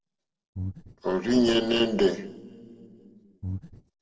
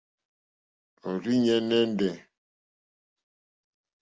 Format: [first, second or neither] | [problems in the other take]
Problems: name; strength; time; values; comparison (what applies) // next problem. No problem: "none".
second | noise reduction (neural separator model SepFormer DNS4)